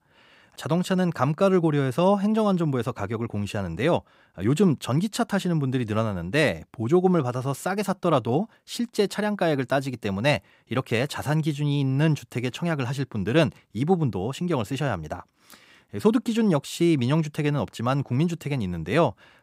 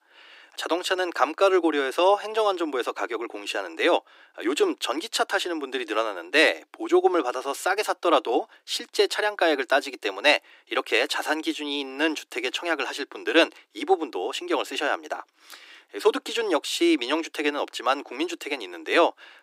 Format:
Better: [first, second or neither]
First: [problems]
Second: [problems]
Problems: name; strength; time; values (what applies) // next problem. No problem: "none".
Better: first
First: none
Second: thin; very; fading below 300 Hz